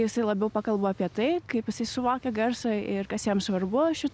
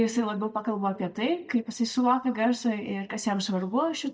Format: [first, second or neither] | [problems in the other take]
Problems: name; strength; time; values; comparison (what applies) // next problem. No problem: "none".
first | noise reduction (neural mask model DeepFilterNet 3)